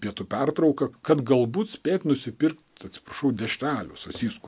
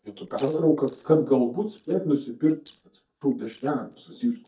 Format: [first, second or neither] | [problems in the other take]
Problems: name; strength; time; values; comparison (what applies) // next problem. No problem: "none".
first | noise reduction (neural mask model DeepFilterNet 3)